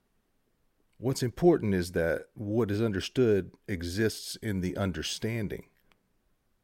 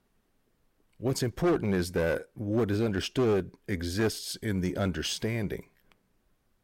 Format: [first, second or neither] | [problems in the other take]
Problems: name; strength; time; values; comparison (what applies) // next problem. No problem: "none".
first | distortion; slight; 7% of the sound clipped